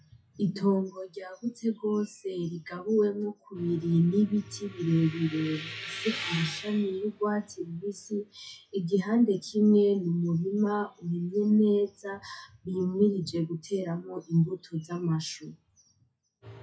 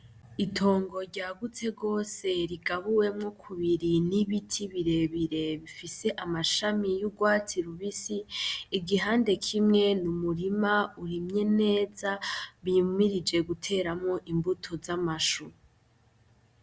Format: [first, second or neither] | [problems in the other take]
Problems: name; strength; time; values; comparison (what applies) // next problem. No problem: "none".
second | noise reduction (classical method WPE with log-MMSE)